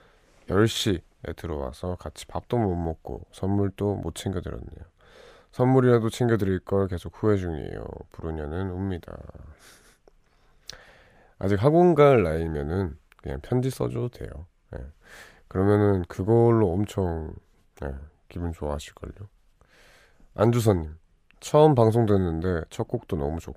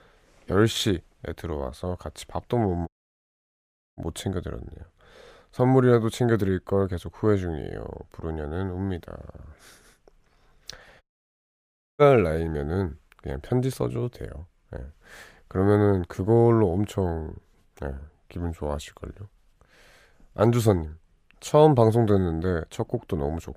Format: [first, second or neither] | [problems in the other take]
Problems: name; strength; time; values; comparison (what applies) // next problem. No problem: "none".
first | audio cutting out; at 3 s for 1 s and at 11 s for 1 s